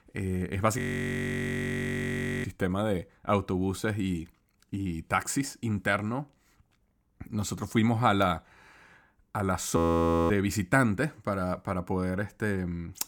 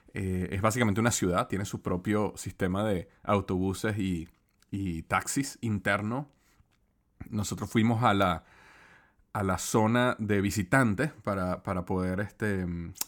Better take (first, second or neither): second